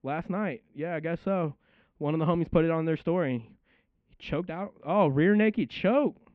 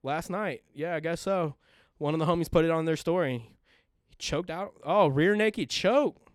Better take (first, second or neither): second